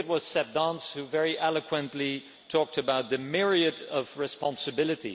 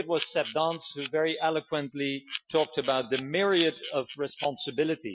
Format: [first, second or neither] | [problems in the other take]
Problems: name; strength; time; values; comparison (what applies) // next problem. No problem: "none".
first | noise reduction (classical method Wiener filter)